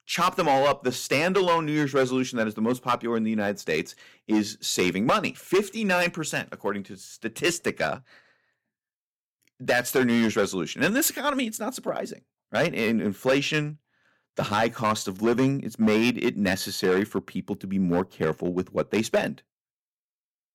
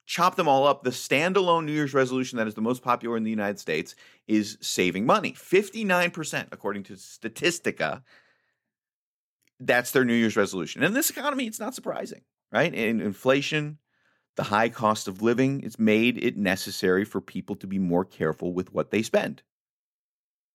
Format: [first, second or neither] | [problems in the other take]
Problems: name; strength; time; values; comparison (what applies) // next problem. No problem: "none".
second | distortion; slight; 4% of the sound clipped